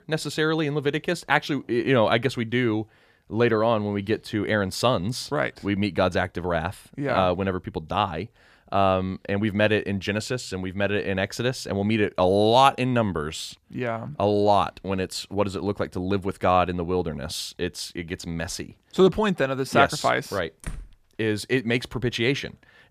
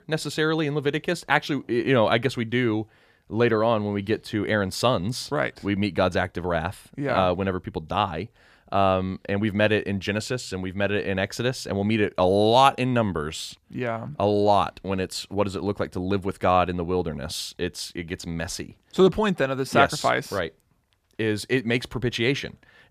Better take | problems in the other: second | door banging; faint; at 21 s; peak 15 dB below the speech

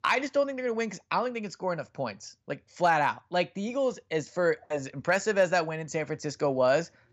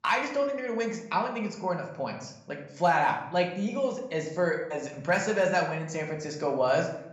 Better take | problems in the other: first | room echo; slight; dies away in 0.6 s // off-mic speech; somewhat distant

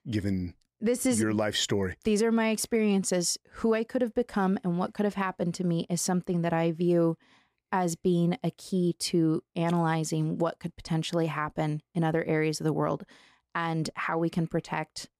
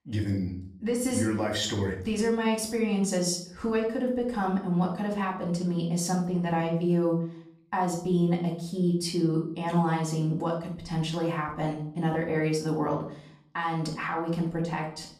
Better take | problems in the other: first | off-mic speech; far // room echo; slight; dies away in 0.5 s

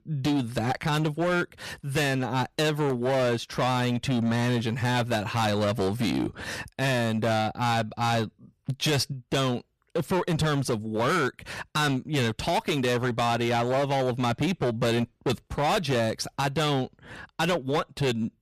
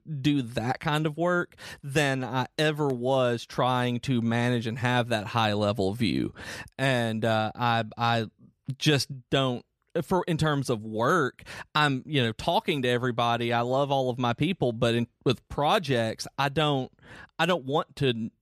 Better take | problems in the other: second | distortion; heavy; 18% of the sound clipped

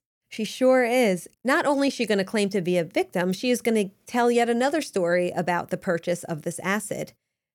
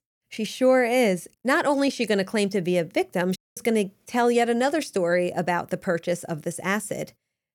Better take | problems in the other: first | audio cutting out; at 3.5 s

